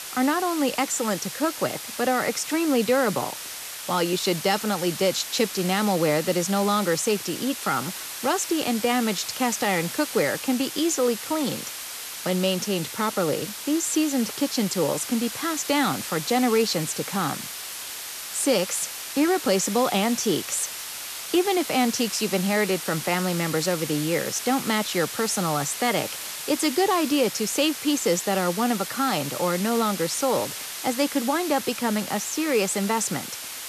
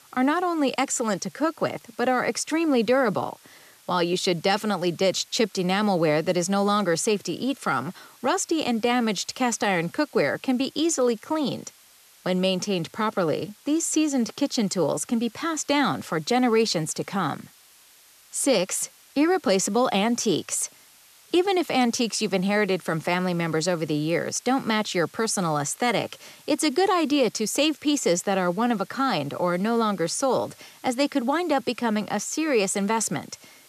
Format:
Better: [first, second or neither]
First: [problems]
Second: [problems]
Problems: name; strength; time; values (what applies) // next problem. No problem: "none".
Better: second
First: hiss; loud; throughout; 7 dB below the speech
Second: hiss; faint; throughout; 25 dB below the speech